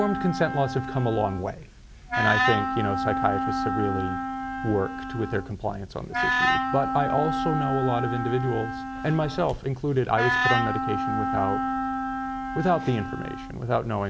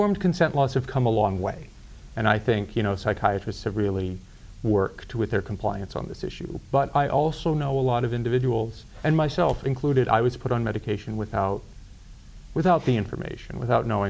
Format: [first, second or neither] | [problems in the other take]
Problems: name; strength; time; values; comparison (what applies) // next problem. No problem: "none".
second | background sound (Wind instrument, woodwind instrument); 1 dB below the speech